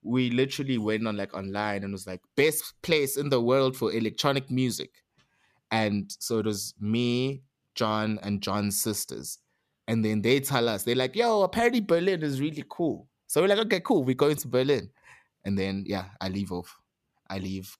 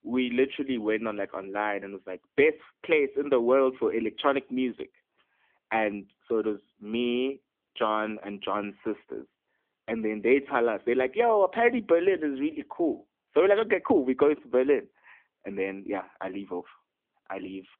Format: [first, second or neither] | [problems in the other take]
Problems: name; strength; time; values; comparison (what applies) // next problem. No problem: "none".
first | phone-call audio; nothing above 3.5 kHz